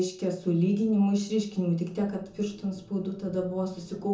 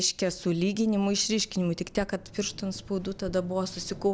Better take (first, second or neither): second